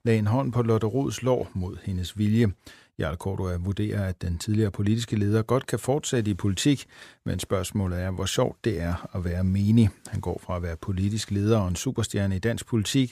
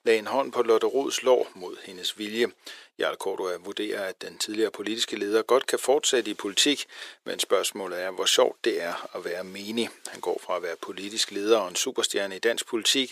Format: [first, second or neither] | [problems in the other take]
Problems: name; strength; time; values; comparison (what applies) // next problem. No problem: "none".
first | thin; very; fading below 400 Hz